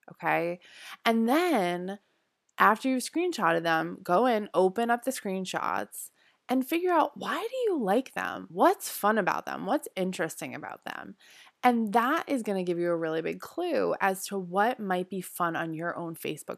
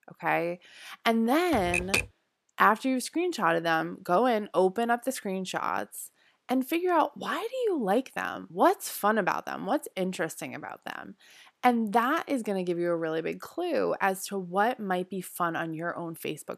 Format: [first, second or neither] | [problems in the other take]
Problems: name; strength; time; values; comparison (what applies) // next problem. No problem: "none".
first | keyboard typing; loud; at 1.5 s; peak 1 dB above the speech